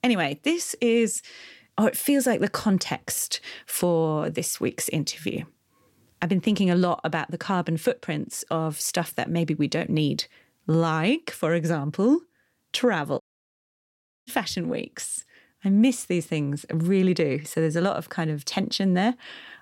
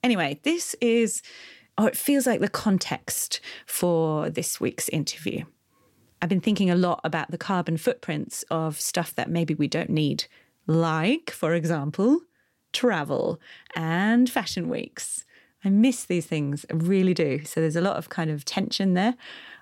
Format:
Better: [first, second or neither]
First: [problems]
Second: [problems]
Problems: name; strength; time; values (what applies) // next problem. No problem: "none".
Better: second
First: audio cutting out; at 13 s for 1 s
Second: none